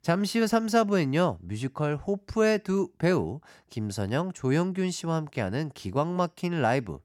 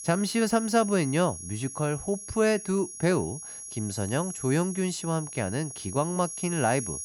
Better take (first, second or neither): first